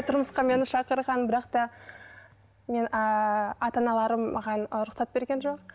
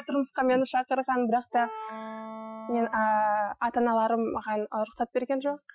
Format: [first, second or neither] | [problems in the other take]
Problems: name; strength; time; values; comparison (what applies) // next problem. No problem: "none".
first | noise reduction (classical method Wiener filter)